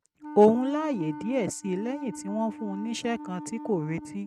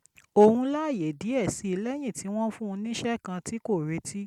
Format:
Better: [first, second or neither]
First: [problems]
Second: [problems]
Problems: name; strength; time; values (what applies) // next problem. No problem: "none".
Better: second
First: noise reduction (neural mask model RNNoise)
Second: none